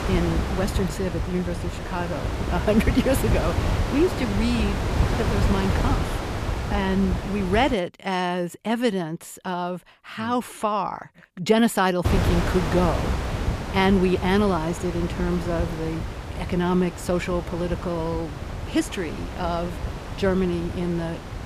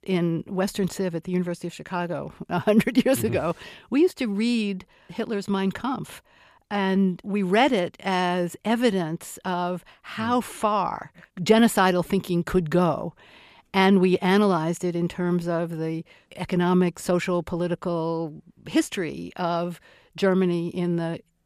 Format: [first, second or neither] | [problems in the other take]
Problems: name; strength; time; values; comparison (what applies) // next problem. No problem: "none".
second | wind noise on the microphone; heavy; until 7.5 s and from 12 s on; 5 dB below the speech